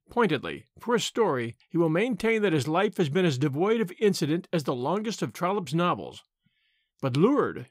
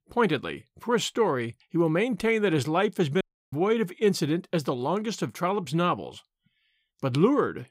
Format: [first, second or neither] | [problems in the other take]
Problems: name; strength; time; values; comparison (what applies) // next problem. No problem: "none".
first | audio cutting out; at 3 s